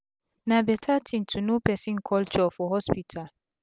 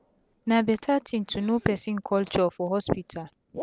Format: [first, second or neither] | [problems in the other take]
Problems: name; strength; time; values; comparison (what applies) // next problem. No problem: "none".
first | background sound (Zipper (clothing)); 19 dB below the speech